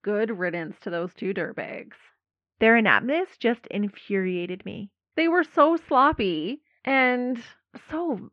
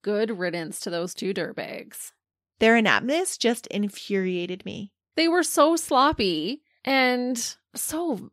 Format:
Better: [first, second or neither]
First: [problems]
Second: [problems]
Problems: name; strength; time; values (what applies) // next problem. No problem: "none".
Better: second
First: muffled; very; fading above 2.5 kHz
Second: none